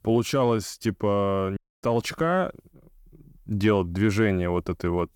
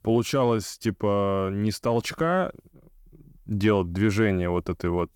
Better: second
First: audio cutting out; at 1.5 s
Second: none

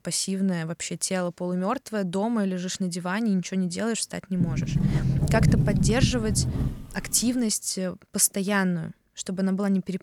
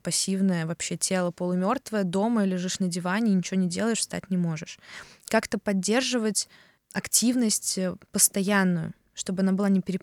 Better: second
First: door banging; loud; from 4.5 to 6.5 s; peak 5 dB above the speech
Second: none

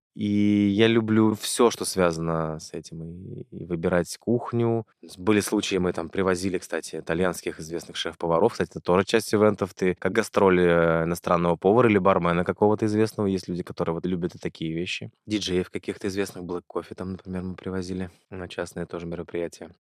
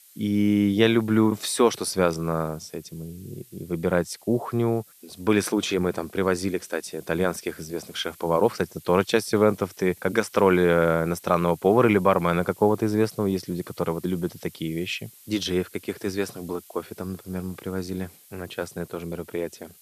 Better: first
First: none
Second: hiss; faint; throughout; 25 dB below the speech

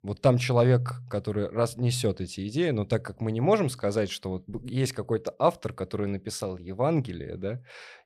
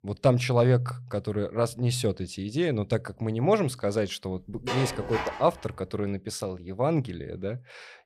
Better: first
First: none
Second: clattering dishes; noticeable; at 4.5 s; peak 4 dB below the speech

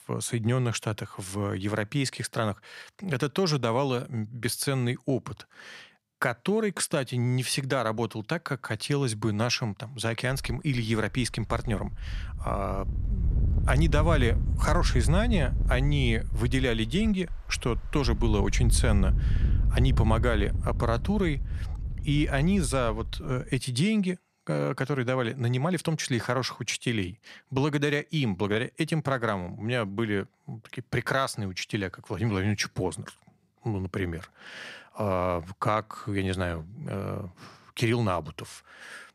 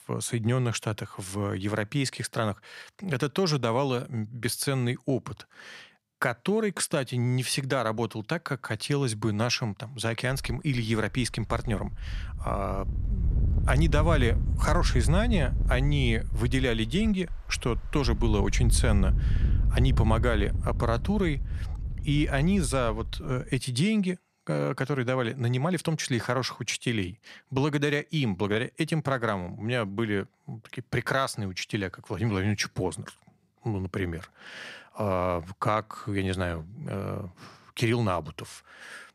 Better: neither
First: wind noise on the microphone; occasional gusts; from 10 to 24 s; 15 dB below the speech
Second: wind noise on the microphone; occasional gusts; from 10 to 24 s; 15 dB below the speech

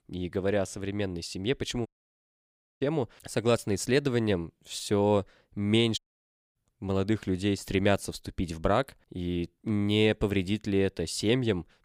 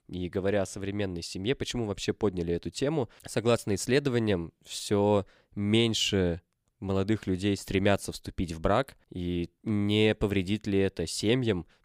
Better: second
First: audio cutting out; at 2 s for 1 s and at 6 s for 0.5 s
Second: none

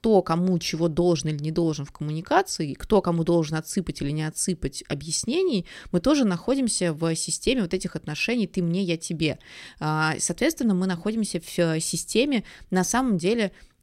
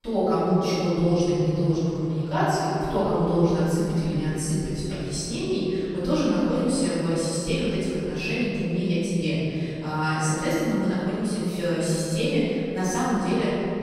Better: first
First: none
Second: off-mic speech; far // room echo; strong; dies away in 2.7 s

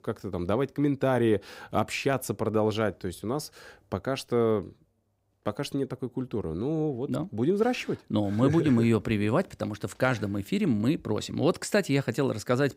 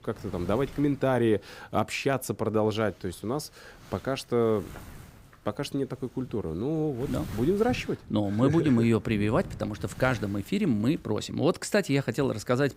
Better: first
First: none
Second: wind noise on the microphone; occasional gusts; 20 dB below the speech

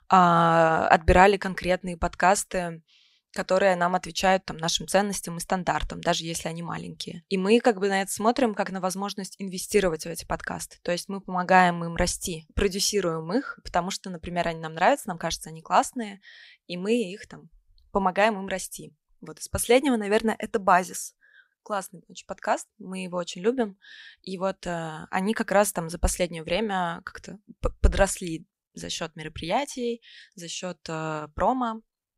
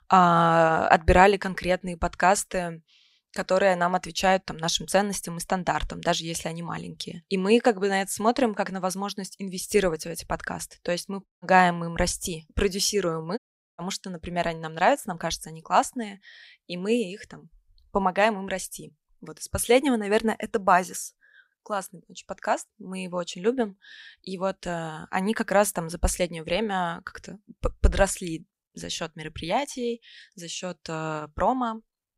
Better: first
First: none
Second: audio cutting out; at 11 s and at 13 s

